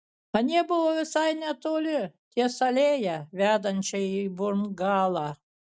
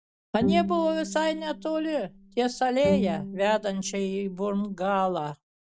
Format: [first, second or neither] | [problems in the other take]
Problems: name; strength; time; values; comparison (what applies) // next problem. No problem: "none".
first | background sound (Bowed string instrument); 6 dB below the speech